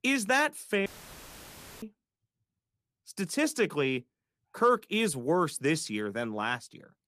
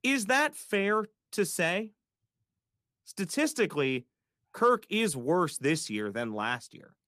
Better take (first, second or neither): second